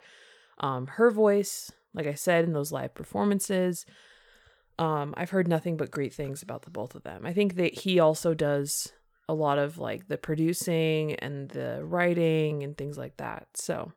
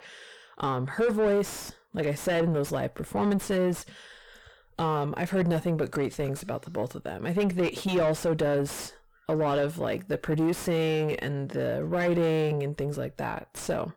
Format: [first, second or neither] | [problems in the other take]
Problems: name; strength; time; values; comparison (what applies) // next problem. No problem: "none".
first | distortion; heavy; 5 dB below the speech